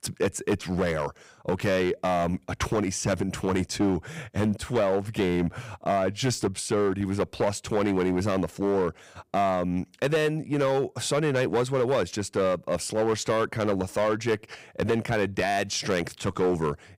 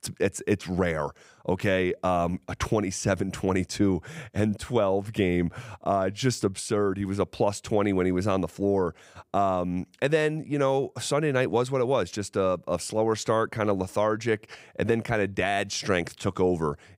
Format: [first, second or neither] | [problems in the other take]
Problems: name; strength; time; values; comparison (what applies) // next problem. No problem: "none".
second | distortion; slight; 7% of the sound clipped